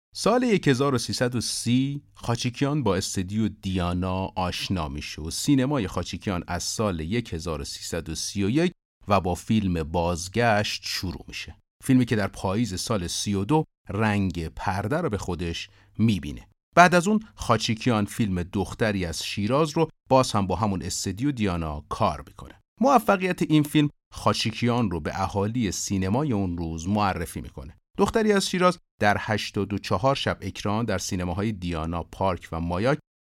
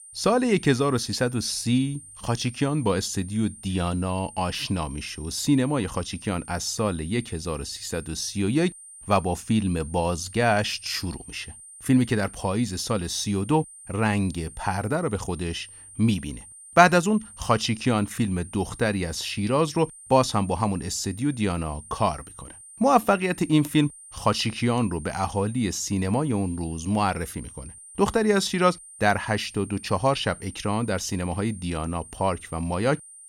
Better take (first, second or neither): first